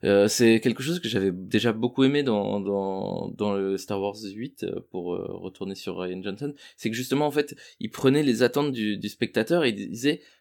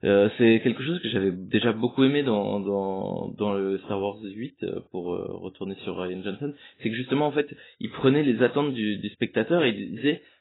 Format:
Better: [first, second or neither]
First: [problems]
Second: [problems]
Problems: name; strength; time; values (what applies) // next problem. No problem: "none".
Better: first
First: none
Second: garbled, watery; badly; nothing above 4 kHz